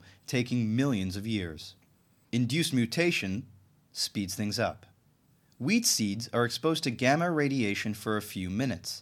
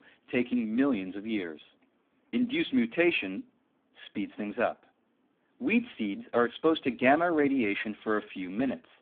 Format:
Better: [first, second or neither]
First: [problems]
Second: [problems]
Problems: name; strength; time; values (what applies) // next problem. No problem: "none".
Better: first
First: none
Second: phone-call audio; poor line; nothing above 3.5 kHz